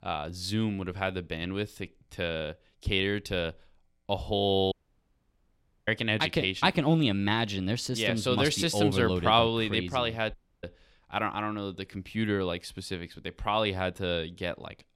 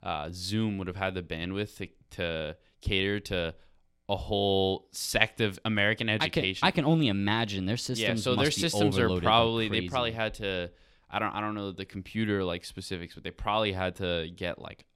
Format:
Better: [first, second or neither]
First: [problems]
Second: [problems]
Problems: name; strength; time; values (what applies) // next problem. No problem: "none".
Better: second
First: audio cutting out; at 4.5 s for 1 s and at 10 s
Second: none